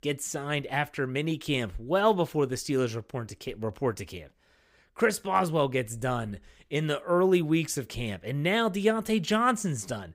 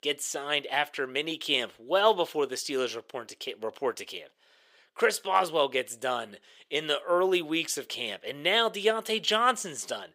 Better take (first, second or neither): first